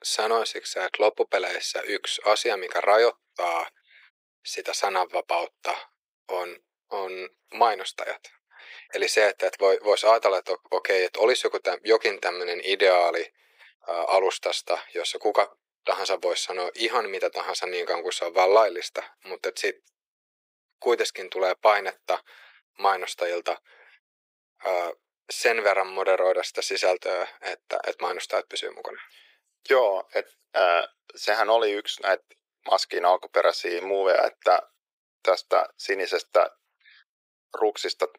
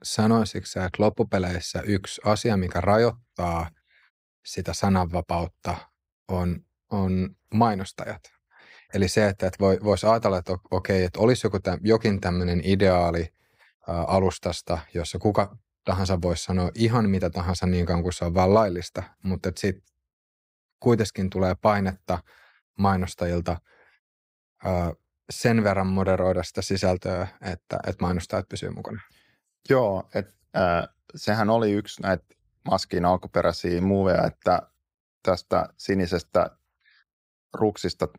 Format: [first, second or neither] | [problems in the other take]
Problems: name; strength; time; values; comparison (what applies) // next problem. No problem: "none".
second | thin; very; fading below 400 Hz